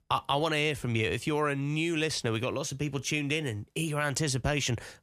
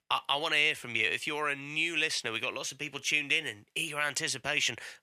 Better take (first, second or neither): first